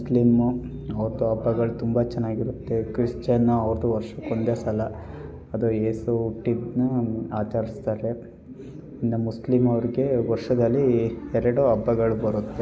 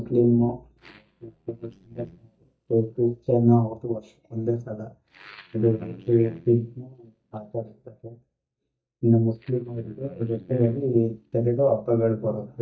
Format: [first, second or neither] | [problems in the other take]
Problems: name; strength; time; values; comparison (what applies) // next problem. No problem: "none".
first | noise reduction (neural mask model DeepFilterNet 3)